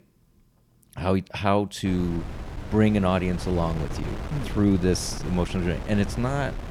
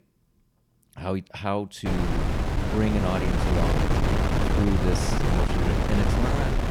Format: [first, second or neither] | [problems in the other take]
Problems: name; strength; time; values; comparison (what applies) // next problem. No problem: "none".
first | wind noise on the microphone; heavy; from 2 s on; 3 dB above the speech; occasional gusts in the first